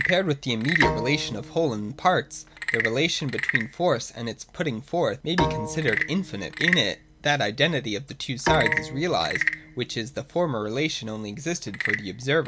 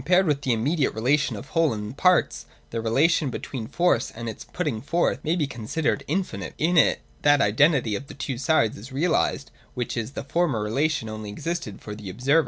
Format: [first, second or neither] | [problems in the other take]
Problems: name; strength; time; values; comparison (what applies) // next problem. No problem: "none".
second | background sound (Bowed string instrument + Wood / Percussion / Frog); 4 dB below the speech